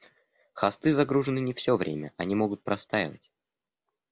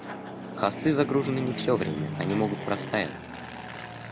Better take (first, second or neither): first